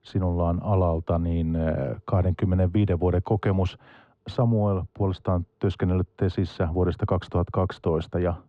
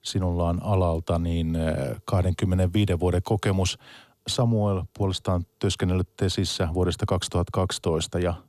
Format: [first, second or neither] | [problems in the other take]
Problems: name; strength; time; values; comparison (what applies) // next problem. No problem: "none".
second | muffled; very; fading above 1.5 kHz